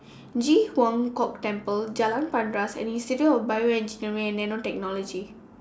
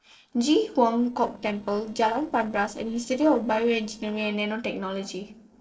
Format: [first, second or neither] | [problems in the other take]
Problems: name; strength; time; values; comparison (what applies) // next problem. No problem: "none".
first | noise reduction (neural separator model SepFormer DNS4)